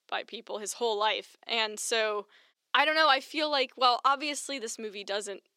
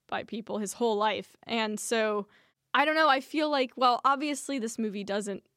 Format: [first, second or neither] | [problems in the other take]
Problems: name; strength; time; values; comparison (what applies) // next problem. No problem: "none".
second | thin; somewhat; fading below 350 Hz